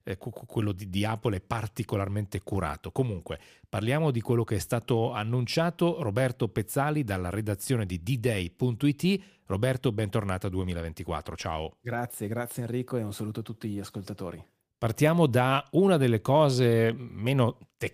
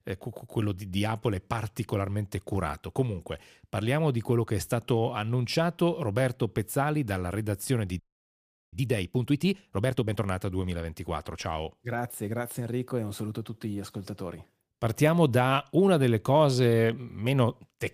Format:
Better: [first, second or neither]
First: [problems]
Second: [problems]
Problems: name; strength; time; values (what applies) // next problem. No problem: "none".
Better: first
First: none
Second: audio freezing; at 8 s for 0.5 s